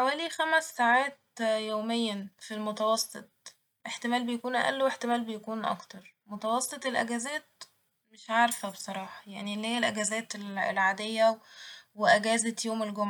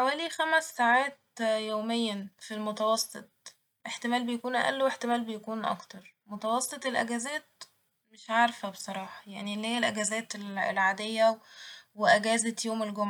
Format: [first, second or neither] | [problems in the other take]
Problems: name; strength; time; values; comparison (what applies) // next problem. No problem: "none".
second | background sound (Tambourine); 16 dB below the speech